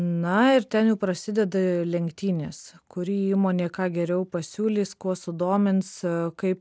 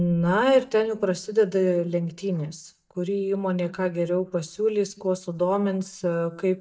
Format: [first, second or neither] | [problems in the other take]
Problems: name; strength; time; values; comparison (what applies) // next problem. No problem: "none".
first | noise reduction (neural mask model DeepFilterNet 3)